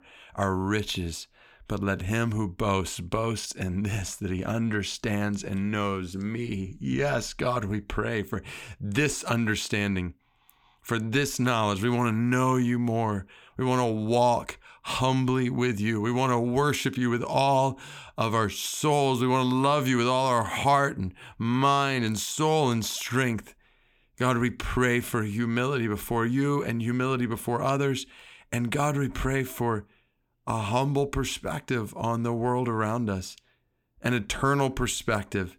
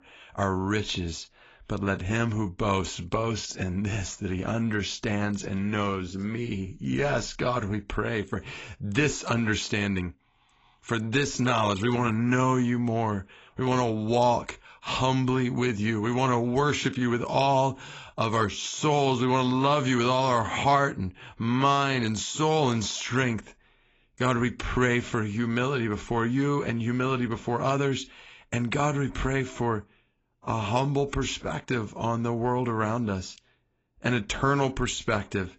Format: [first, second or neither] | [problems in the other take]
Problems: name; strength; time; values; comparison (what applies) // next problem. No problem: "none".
first | garbled, watery; badly; nothing above 7.5 kHz